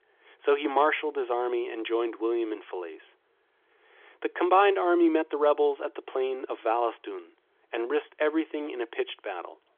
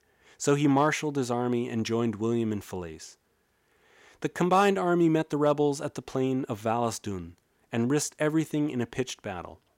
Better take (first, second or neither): second